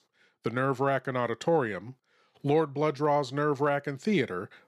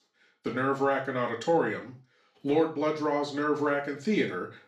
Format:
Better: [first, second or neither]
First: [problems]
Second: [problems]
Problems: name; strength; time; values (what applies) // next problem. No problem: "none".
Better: first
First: none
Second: room echo; slight; dies away in 0.3 s // off-mic speech; far